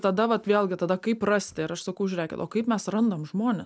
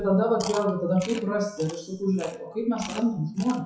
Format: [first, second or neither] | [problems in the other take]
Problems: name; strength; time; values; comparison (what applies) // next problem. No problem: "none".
first | noise reduction (classical method WPE with log-MMSE)